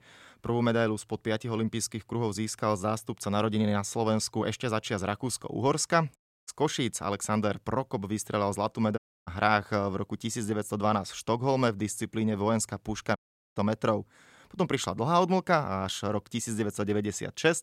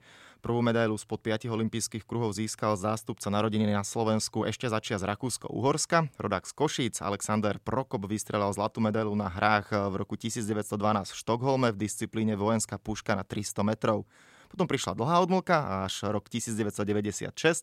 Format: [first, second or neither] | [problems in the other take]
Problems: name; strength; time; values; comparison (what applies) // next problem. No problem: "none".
second | audio cutting out; at 6 s, at 9 s and at 13 s